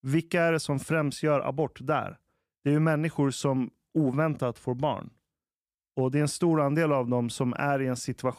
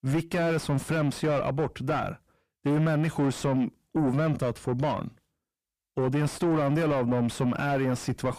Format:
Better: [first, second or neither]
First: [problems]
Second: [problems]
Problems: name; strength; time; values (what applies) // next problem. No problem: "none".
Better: first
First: none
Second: distortion; heavy; 7 dB below the speech